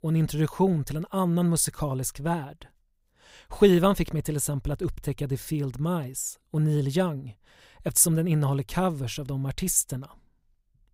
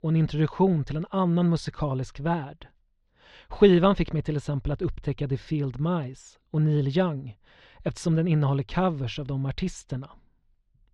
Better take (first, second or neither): first